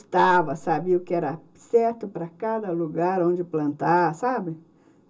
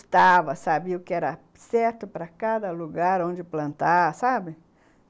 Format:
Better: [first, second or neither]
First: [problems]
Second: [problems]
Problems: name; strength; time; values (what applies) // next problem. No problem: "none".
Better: second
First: room echo; dies away in 0.2 s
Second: none